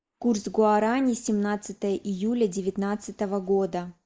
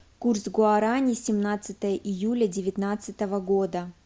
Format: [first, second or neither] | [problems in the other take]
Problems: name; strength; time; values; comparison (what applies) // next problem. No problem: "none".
second | noise reduction (neural mask model Resemble Enhance denoiser)